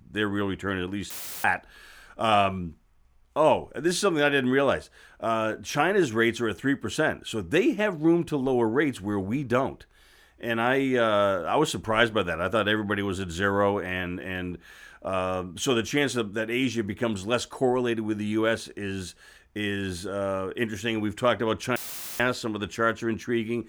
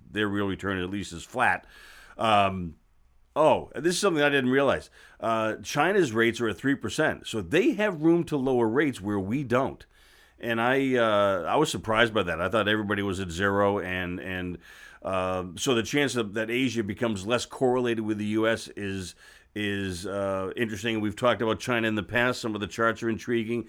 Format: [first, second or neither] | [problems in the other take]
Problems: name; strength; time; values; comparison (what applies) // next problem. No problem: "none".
second | audio cutting out; filled with static; at 1 s and at 22 s